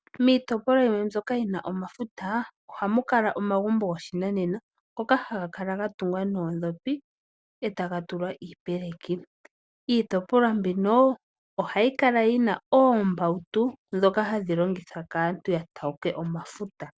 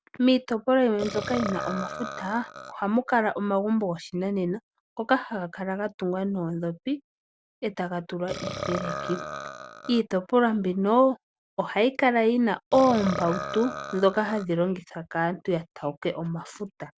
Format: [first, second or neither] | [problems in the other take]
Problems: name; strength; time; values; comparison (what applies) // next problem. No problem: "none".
first | background sound (Burping, eructation); 10 dB below the speech